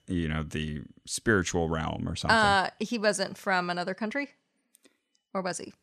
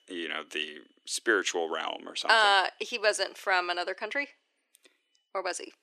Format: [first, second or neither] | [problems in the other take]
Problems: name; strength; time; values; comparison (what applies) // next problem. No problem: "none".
first | thin; very; fading below 300 Hz